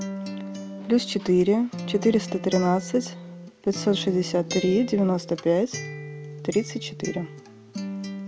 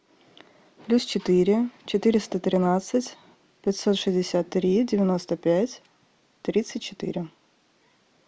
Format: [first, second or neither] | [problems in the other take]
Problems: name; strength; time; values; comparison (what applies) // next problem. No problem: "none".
second | background sound (Acoustic guitar); 10 dB below the speech